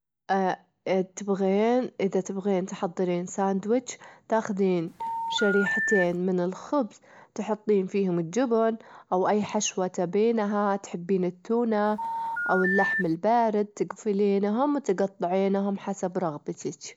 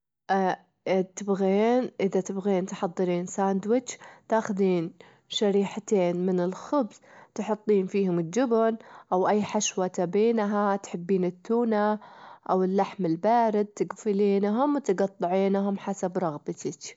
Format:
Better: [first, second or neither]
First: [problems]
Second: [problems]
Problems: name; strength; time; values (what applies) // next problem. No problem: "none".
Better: second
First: background sound (Telephone); 3 dB below the speech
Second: none